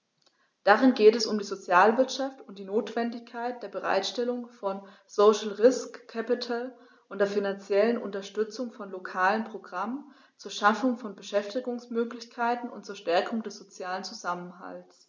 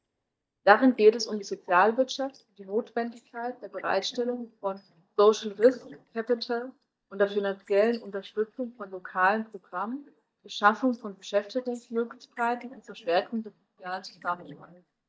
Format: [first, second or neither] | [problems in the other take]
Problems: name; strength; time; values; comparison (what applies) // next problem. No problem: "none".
first | noise reduction (neural mask model DeepFilterNet 3)